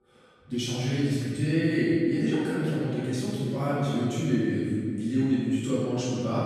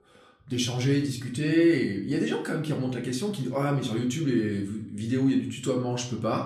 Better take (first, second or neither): second